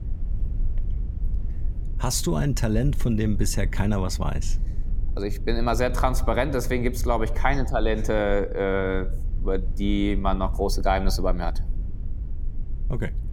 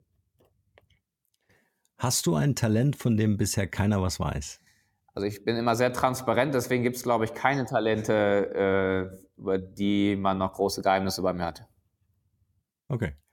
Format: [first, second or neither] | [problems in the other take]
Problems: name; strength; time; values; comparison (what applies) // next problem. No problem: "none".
second | low rumble; faint; throughout; 20 dB below the speech